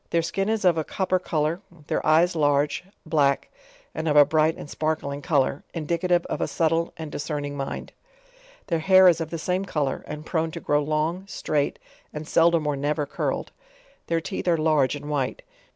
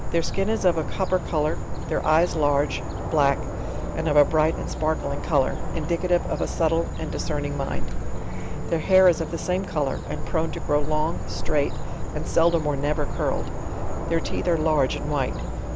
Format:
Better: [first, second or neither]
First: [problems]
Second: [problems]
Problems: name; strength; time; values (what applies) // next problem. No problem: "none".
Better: first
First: none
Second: background sound (Insect / Frog + Ocean); 1 dB below the speech